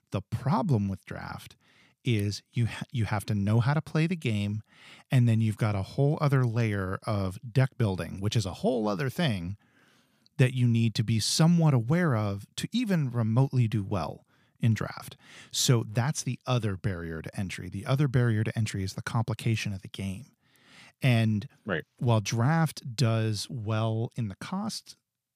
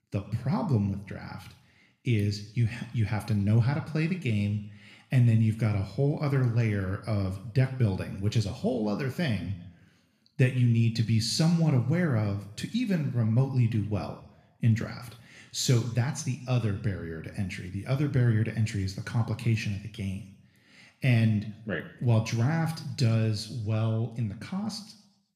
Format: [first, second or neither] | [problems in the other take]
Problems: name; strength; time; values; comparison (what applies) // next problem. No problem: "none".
first | room echo; slight; dies away in 0.7 s